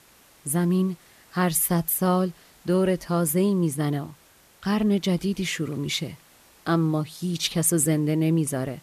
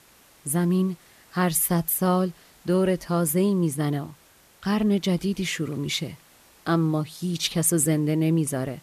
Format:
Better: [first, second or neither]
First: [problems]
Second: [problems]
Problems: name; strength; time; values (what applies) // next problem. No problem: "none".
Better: neither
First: hiss; faint; throughout; 30 dB below the speech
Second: hiss; faint; throughout; 30 dB below the speech